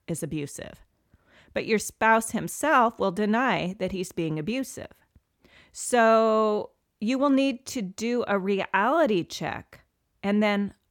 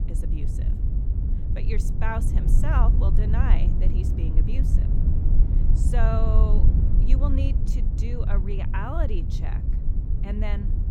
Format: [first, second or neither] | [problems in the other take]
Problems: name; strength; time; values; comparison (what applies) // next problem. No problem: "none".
first | low rumble; loud; throughout; 5 dB below the speech